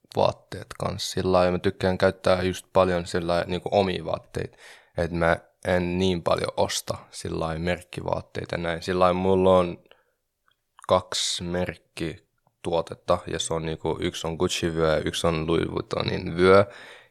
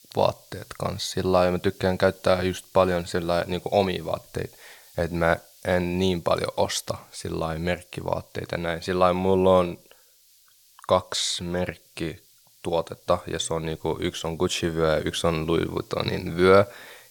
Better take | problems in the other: first | hiss; faint; throughout; 25 dB below the speech

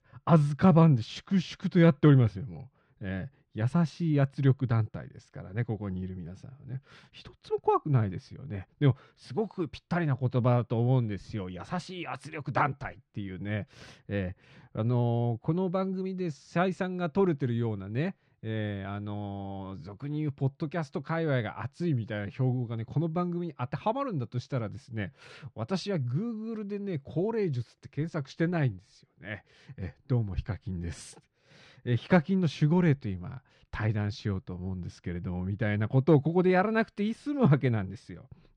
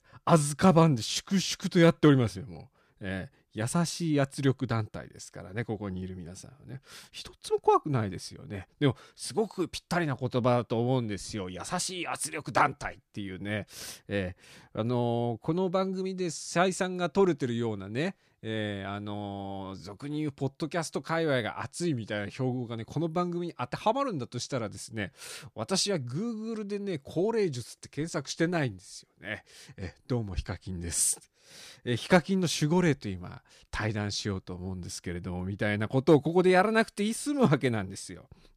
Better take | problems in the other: second | muffled; slightly; fading above 3 kHz

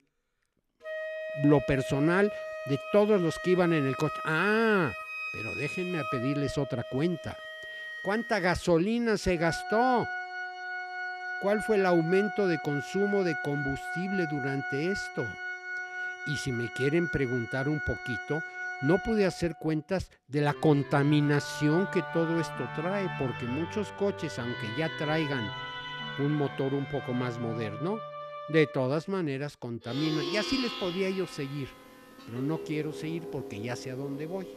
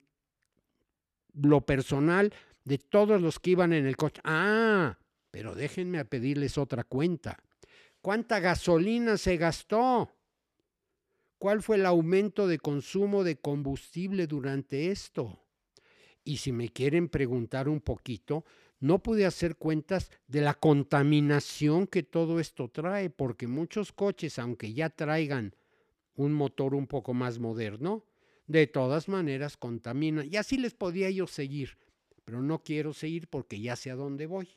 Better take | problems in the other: second | background music; loud; throughout; 7 dB below the speech

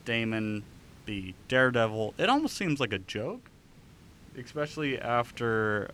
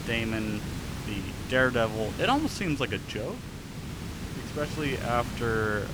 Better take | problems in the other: first | hiss; loud; throughout; 7 dB below the speech; faint in the first

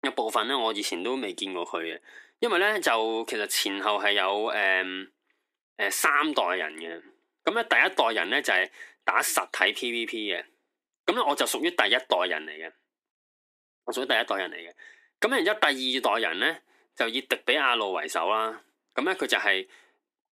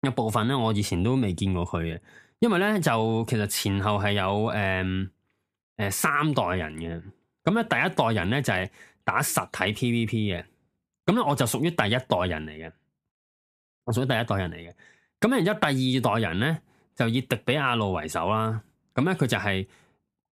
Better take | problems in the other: second | thin; very; fading below 300 Hz

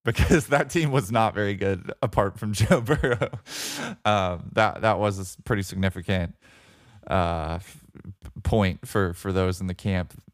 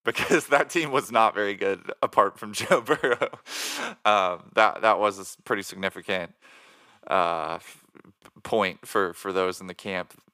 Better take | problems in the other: first | thin; somewhat; fading below 350 Hz

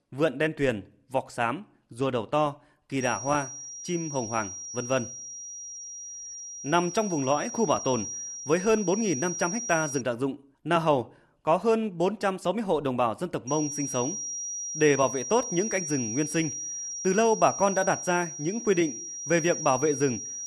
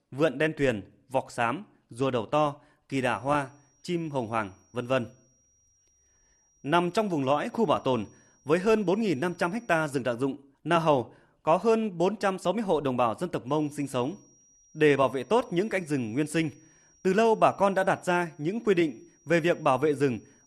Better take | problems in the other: second | high-pitched whine; loud; from 3 to 10 s and from 13 s on; 5.5 kHz, 6 dB below the speech; faint in the second

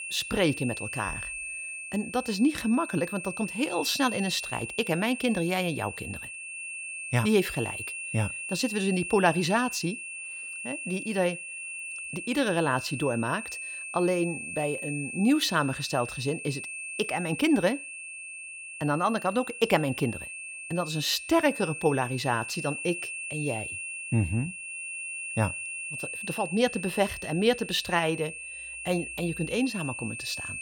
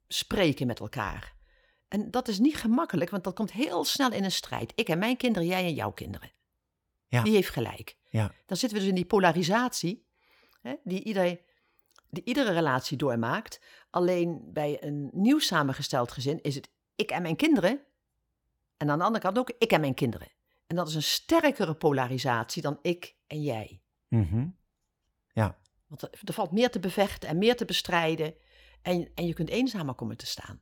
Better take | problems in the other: second | high-pitched whine; loud; throughout; 2.5 kHz, 7 dB below the speech

